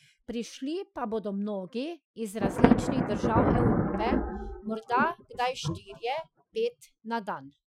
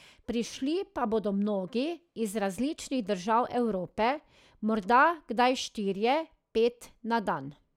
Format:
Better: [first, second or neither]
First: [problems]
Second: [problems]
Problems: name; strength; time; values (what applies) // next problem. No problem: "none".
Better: second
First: noise reduction (classical method Wiener filter)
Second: none